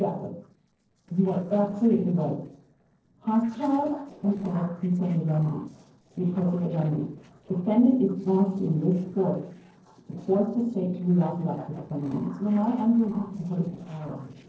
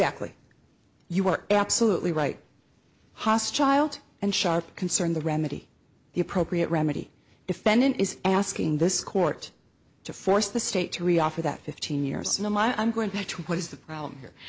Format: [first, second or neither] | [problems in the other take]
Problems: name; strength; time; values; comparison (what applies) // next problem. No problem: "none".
second | noise reduction (neural separator model SepFormer DNS4)